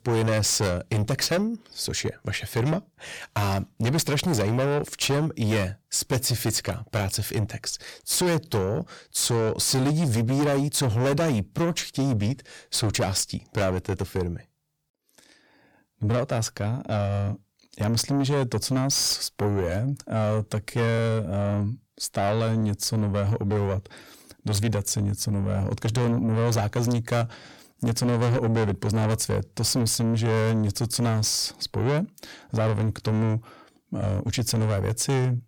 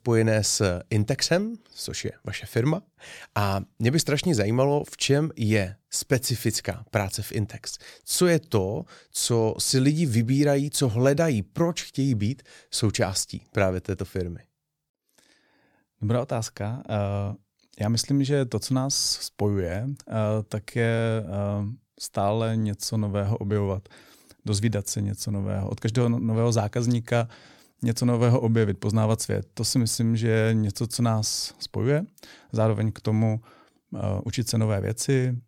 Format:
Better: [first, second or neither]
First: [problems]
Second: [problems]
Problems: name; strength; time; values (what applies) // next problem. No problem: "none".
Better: second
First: distortion; heavy; 7 dB below the speech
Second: none